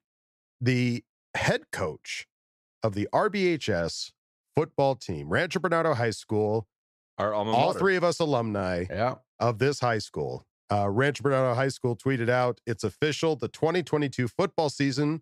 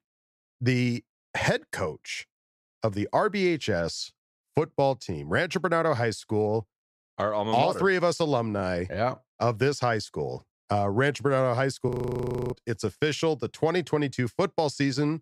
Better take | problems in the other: first | audio freezing; at 12 s for 0.5 s

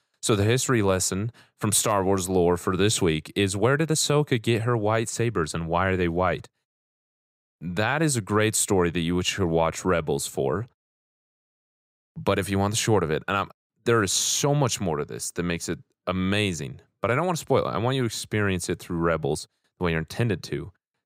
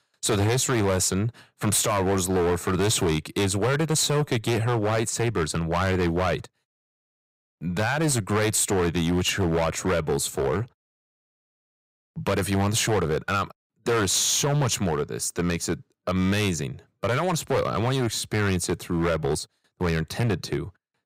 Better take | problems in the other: first | distortion; heavy; 12% of the sound clipped

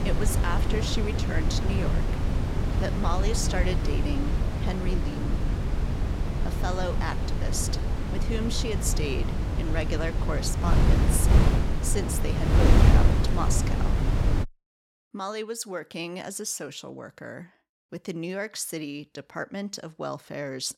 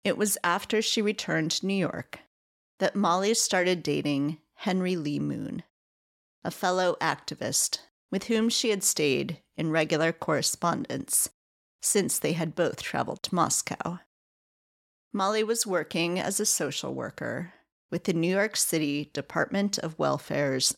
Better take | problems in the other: second | wind noise on the microphone; heavy; until 14 s; 1 dB below the speech

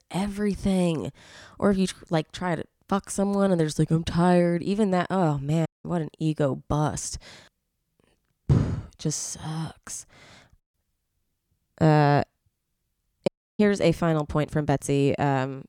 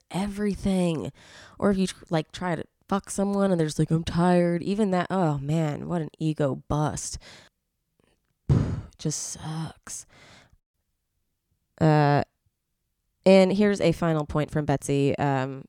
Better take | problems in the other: second | audio cutting out; at 5.5 s and at 13 s

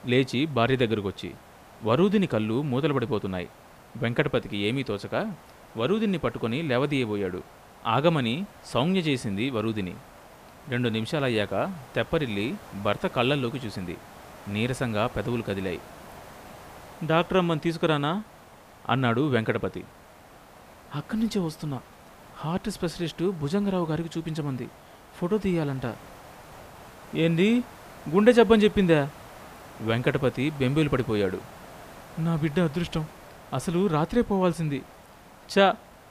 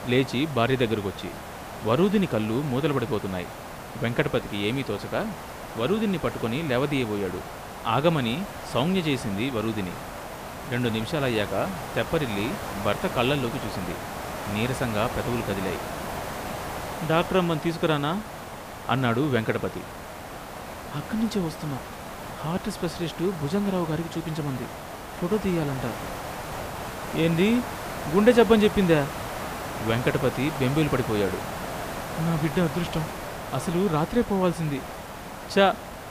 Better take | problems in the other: first | hiss; loud; throughout; 9 dB below the speech; faint in the first

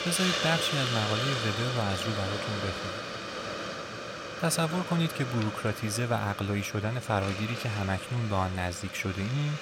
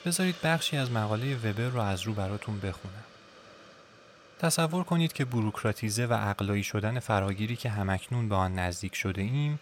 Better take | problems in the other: second | hiss; loud; throughout; 3 dB below the speech; faint in the second

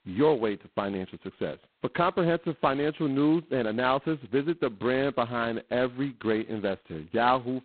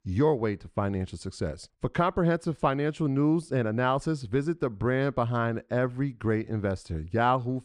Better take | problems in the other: second | phone-call audio; poor line; nothing above 4 kHz

